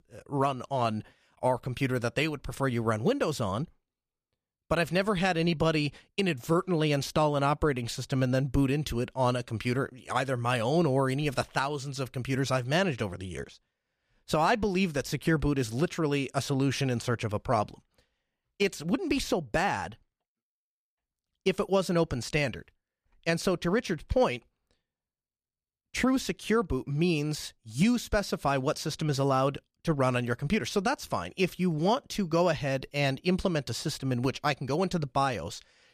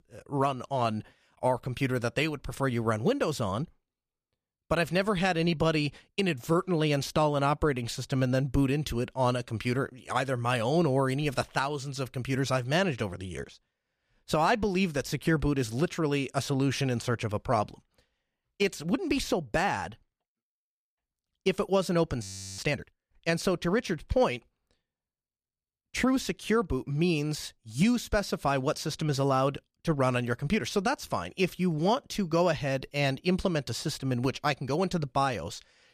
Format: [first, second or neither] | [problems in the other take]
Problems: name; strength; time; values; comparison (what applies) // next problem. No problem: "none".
first | audio freezing; at 22 s